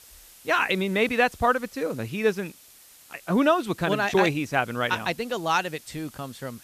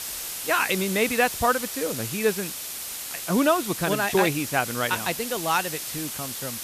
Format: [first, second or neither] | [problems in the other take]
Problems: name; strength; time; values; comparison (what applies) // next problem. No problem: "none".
first | hiss; loud; throughout; 6 dB below the speech; faint in the first